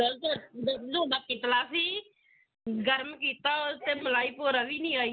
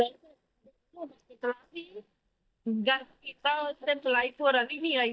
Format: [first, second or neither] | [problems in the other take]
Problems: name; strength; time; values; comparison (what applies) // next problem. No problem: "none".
first | noise reduction (neural mask model DeepFilterNet 3)